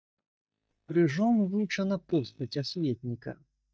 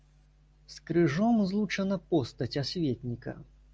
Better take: second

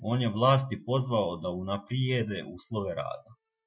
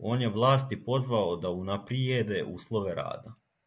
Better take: second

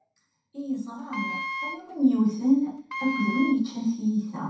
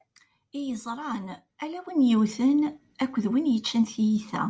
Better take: second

